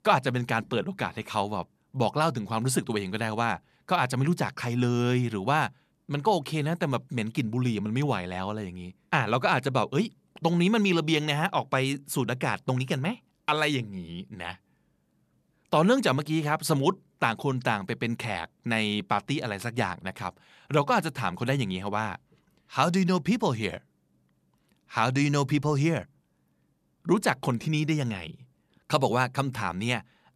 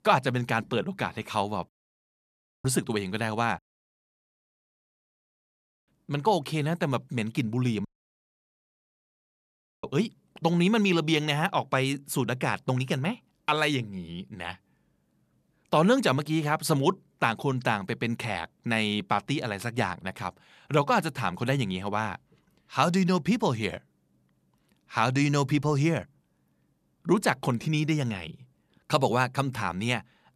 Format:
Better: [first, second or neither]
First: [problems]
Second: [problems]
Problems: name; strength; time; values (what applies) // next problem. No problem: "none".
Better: first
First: none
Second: audio cutting out; at 1.5 s for 1 s, at 3.5 s for 2.5 s and at 8 s for 2 s